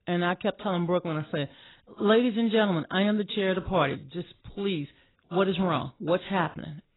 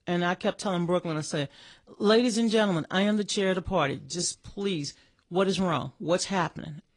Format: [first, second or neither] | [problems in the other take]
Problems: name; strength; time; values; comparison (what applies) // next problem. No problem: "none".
second | garbled, watery; badly; nothing above 4 kHz; slightly in the second